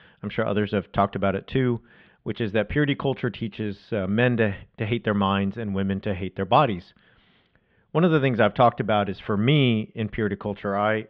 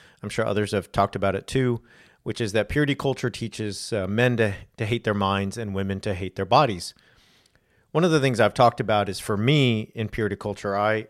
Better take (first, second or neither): second